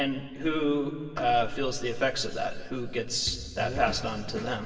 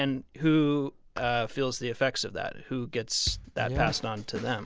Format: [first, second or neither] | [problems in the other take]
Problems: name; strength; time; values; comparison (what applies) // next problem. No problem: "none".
second | room echo; dies away in 2.5 s